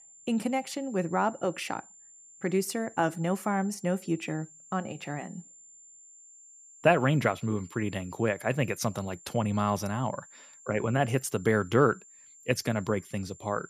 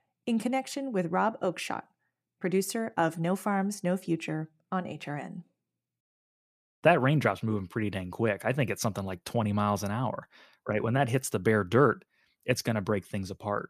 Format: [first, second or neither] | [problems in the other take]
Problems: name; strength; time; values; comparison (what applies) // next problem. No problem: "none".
second | high-pitched whine; faint; throughout; 7.5 kHz, 20 dB below the speech